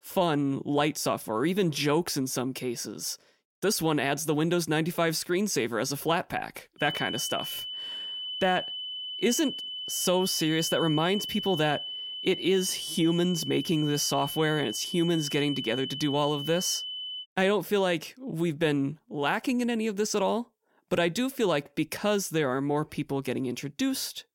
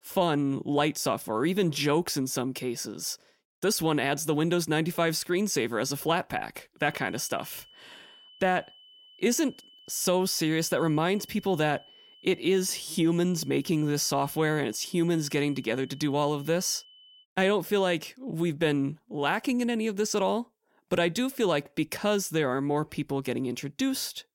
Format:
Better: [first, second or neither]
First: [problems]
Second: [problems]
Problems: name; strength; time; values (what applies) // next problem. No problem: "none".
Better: second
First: high-pitched whine; loud; from 7 to 17 s; 3 kHz, 6 dB below the speech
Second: high-pitched whine; faint; from 7 to 17 s; 3 kHz, 25 dB below the speech